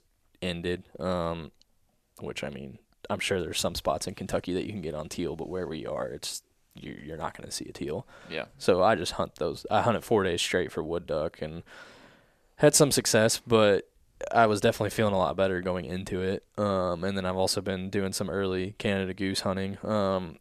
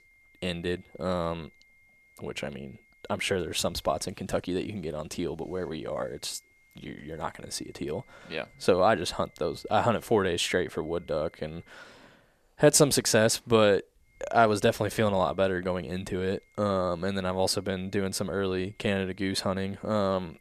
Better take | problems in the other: first | high-pitched whine; faint; until 4 s, from 5.5 to 12 s and from 14 s on; 2 kHz, 35 dB below the speech

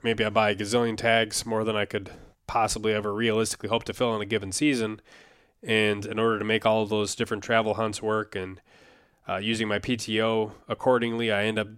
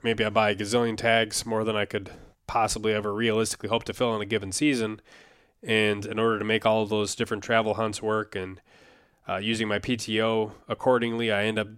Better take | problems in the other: neither | none

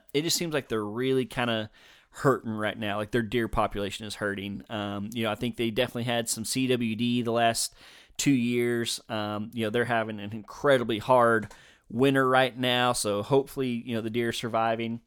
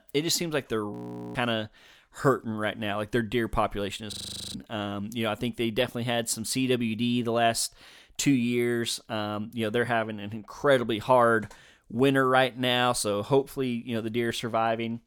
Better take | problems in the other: first | audio freezing; at 1 s and at 4 s

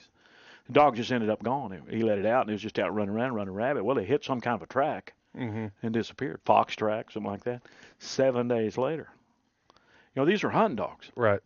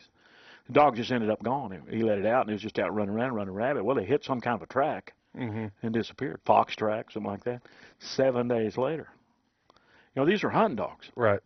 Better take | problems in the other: first | garbled, watery; badly; nothing above 6 kHz; slightly in the first

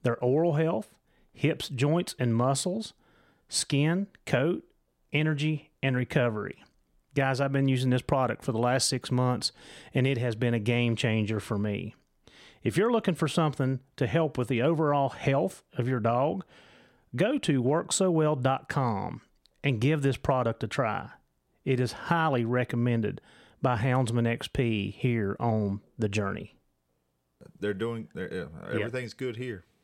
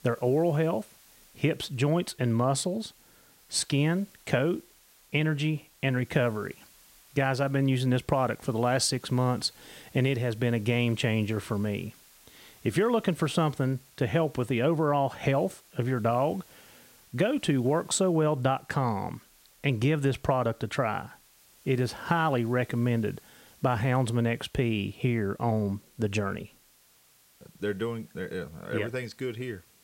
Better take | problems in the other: first | hiss; faint; throughout; 25 dB below the speech

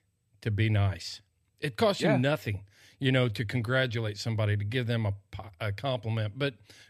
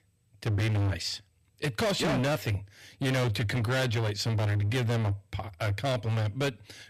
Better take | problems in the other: first | distortion; heavy; 26% of the sound clipped

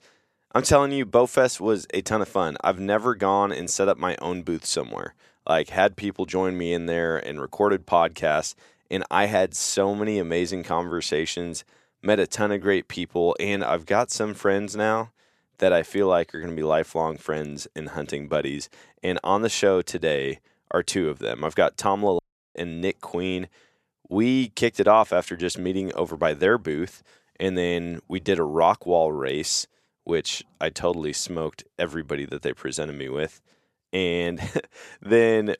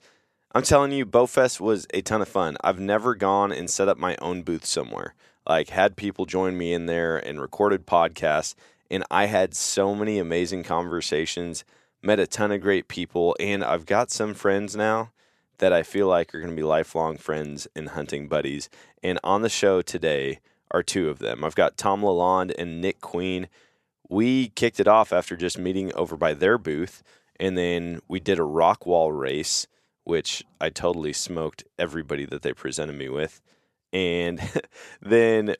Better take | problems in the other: second | audio cutting out; at 22 s

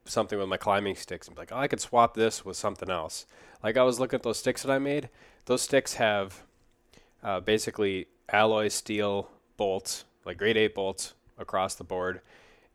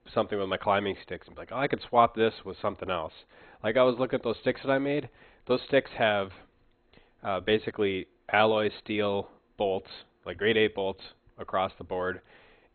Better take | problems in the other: first | garbled, watery; badly; nothing above 4 kHz

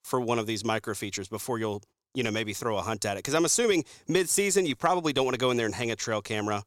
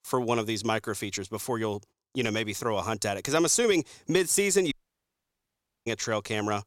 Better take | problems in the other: first | audio cutting out; at 4.5 s for 1 s

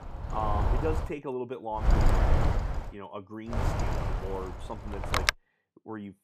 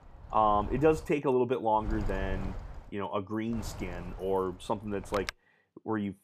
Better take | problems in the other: second | wind noise on the microphone; heavy; until 1 s, from 2 to 3 s and from 3.5 to 5 s; 4 dB above the speech; occasional gusts in the second

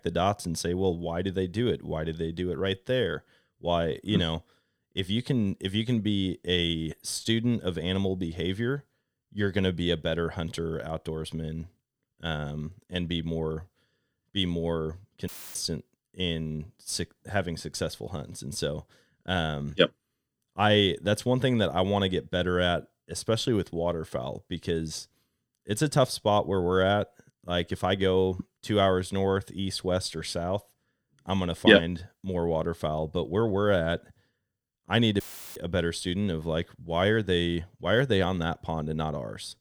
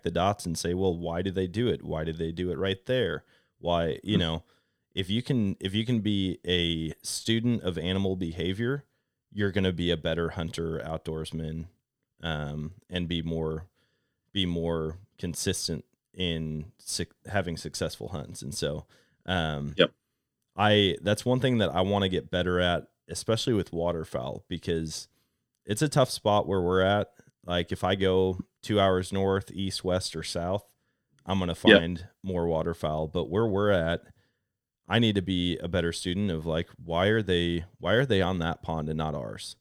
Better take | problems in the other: second | audio cutting out; filled with static; at 15 s and at 35 s

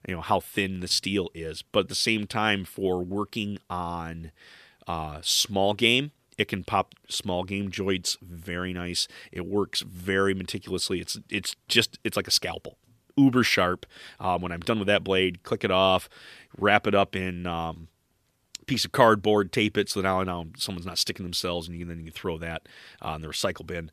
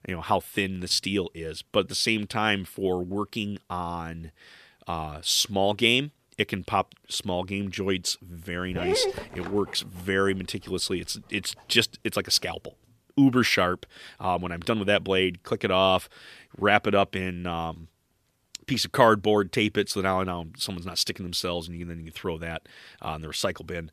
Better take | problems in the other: first | dog barking; noticeable; from 8.5 to 9.5 s; peak 1 dB below the speech

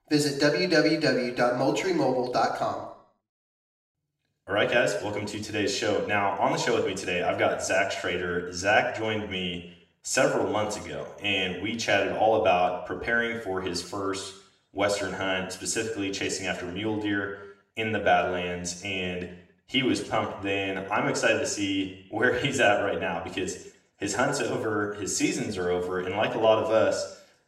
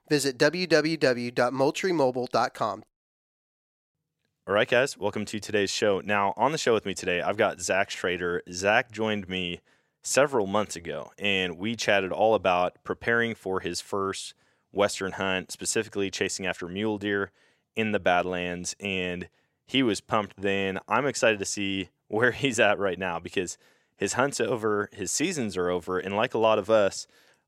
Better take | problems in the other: second | room echo; slight; dies away in 0.6 s // off-mic speech; far

